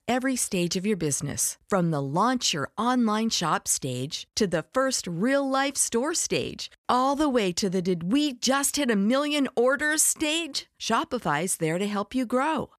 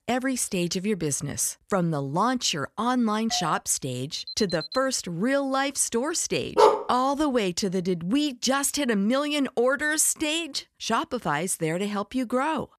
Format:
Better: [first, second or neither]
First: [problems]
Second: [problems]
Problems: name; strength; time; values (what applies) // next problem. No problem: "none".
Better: first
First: none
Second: doorbell; noticeable; at 3.5 s; peak 10 dB below the speech // alarm; noticeable; at 4 s; peak 9 dB below the speech // dog barking; loud; at 6.5 s; peak 6 dB above the speech